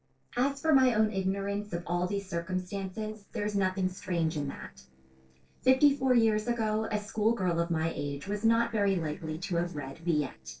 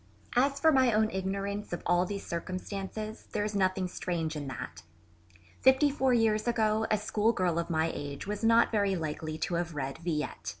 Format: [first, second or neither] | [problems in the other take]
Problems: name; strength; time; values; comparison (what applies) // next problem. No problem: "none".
second | noise reduction (neural separator model SepFormer DNS4)